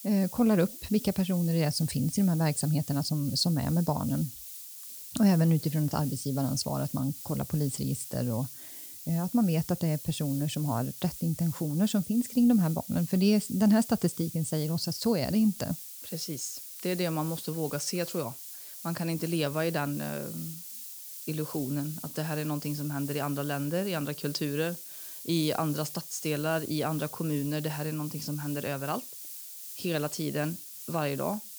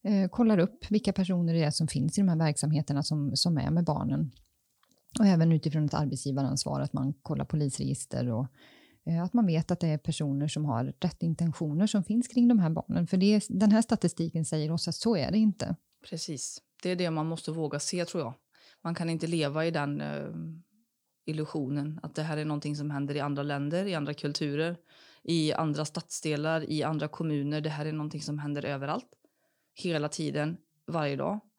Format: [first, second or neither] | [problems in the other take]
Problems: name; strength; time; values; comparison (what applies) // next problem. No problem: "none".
second | hiss; loud; throughout; 9 dB below the speech